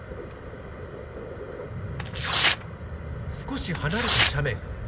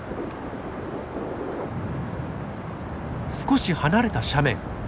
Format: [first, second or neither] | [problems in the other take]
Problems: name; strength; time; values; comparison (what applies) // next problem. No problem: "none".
second | background sound (Tearing); 2 dB above the speech // room echo; dies away in 2.1 s